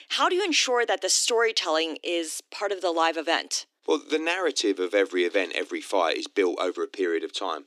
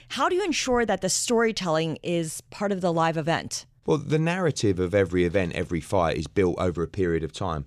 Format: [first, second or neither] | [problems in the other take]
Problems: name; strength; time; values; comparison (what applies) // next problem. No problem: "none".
second | thin; somewhat; fading below 300 Hz